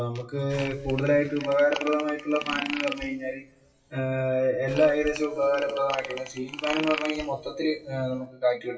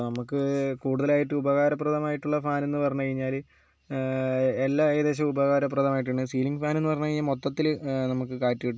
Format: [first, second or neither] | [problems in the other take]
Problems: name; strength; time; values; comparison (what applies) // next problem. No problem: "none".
second | noise reduction (classical method WPE with log-MMSE)